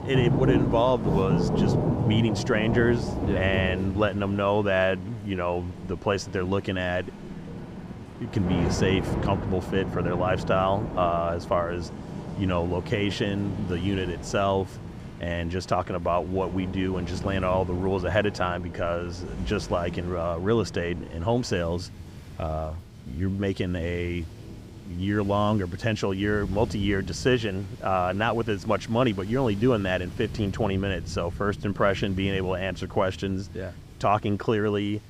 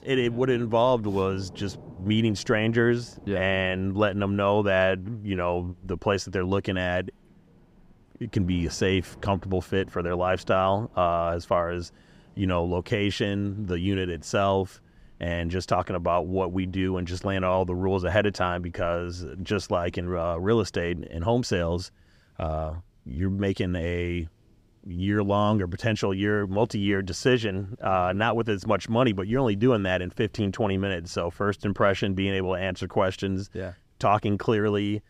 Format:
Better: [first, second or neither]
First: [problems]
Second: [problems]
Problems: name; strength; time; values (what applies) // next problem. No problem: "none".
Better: second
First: rain or running water; loud; throughout; 6 dB below the speech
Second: rain or running water; faint; throughout; 25 dB below the speech